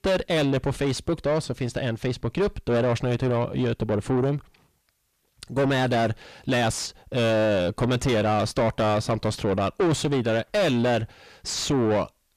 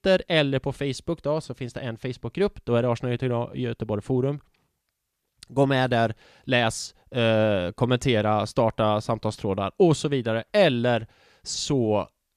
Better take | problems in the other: second | distortion; heavy; 6 dB below the speech

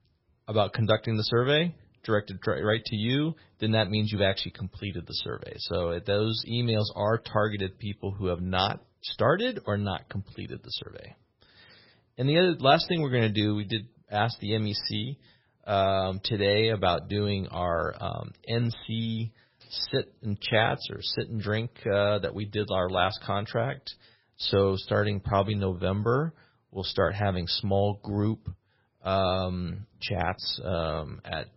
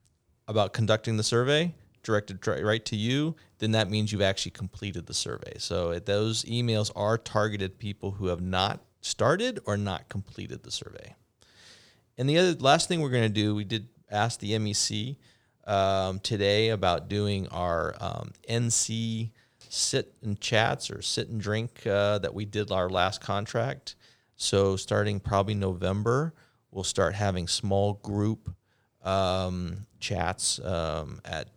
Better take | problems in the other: second | garbled, watery; badly; nothing above 5.5 kHz

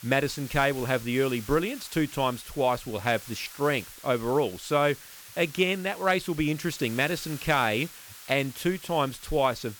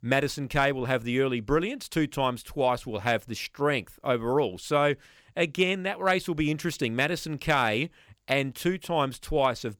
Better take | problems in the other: second | hiss; noticeable; throughout; 15 dB below the speech

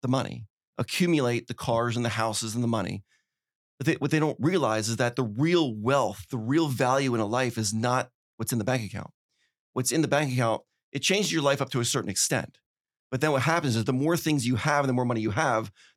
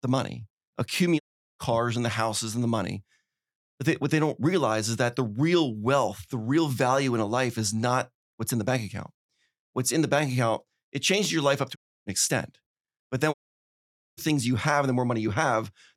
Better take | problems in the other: first | audio cutting out; at 1 s, at 12 s and at 13 s for 1 s

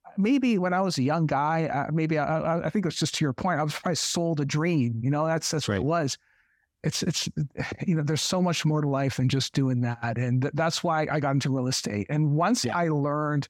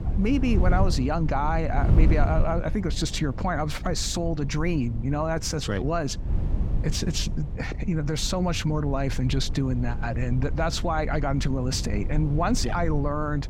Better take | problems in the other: first | wind noise on the microphone; occasional gusts; 15 dB below the speech

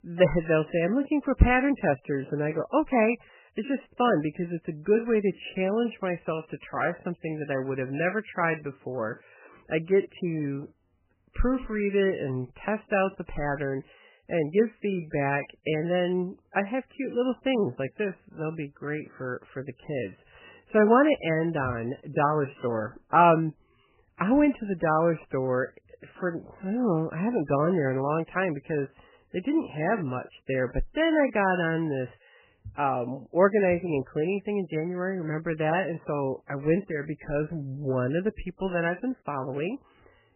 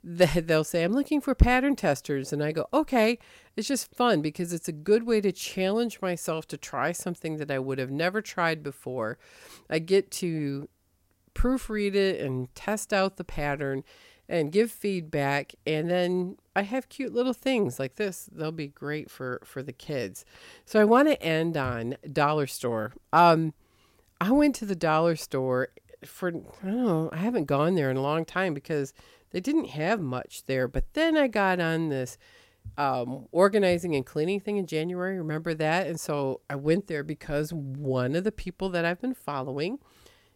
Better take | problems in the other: second | garbled, watery; badly; nothing above 3 kHz

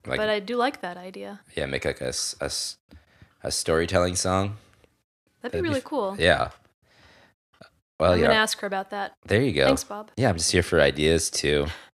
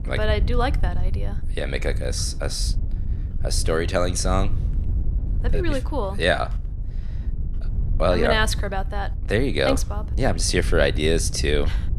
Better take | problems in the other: first | wind noise on the microphone; occasional gusts; 20 dB below the speech

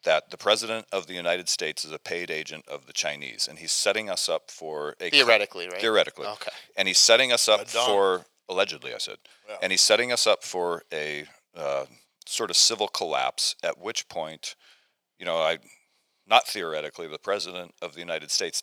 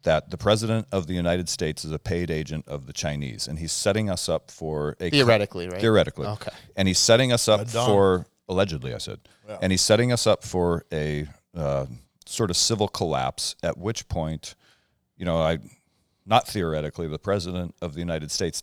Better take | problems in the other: second | thin; very; fading below 500 Hz

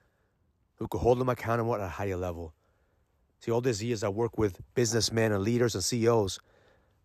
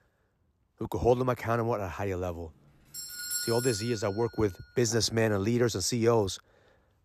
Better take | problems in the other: first | doorbell; noticeable; from 3 to 4 s; peak 3 dB below the speech

